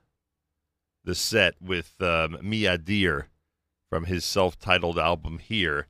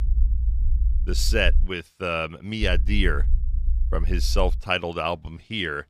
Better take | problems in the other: first | low rumble; faint; until 1.5 s and from 2.5 to 4.5 s; 20 dB below the speech

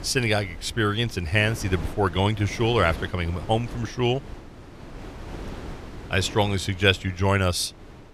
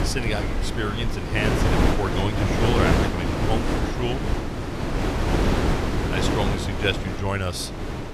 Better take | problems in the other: first | wind noise on the microphone; heavy; 1 dB above the speech; occasional gusts in the first

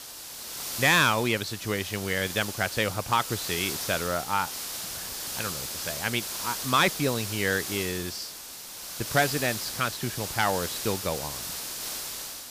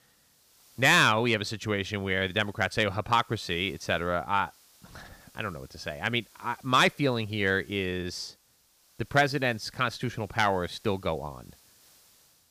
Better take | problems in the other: second | hiss; loud; throughout; 5 dB below the speech; faint in the second

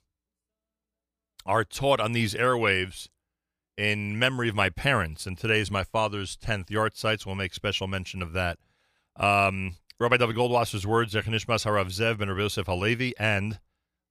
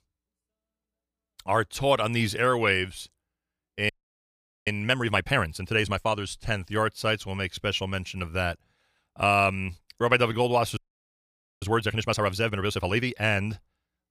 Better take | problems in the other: first | audio freezing; at 4 s for 1 s and at 11 s for 1 s

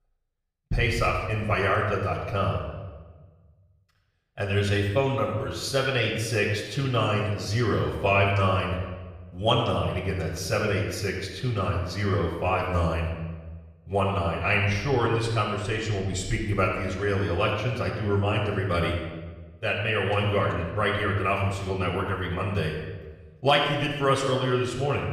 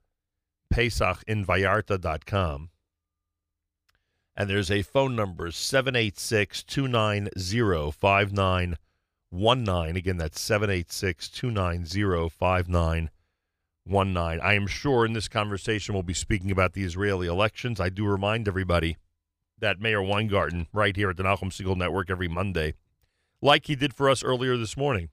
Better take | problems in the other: second | off-mic speech; far // room echo; noticeable; dies away in 1.1 s

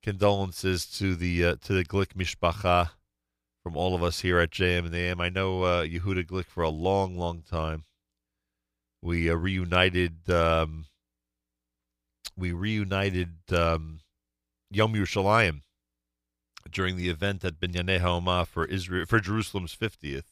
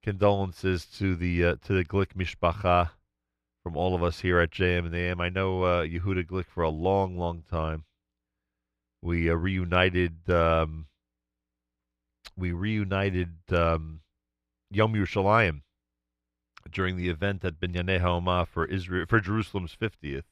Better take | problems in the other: first | muffled; slightly; fading above 4 kHz

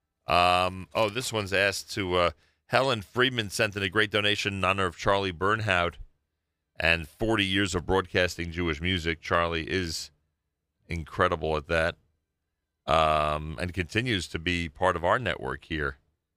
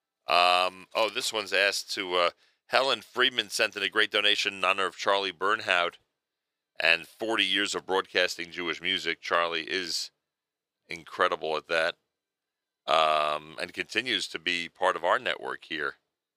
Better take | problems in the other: first | thin; somewhat; fading below 400 Hz

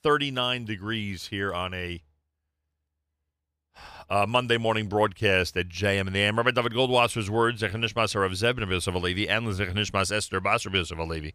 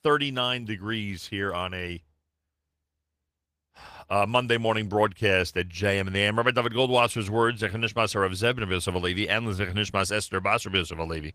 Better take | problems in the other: first | garbled, watery; slightly; nothing above 15 kHz

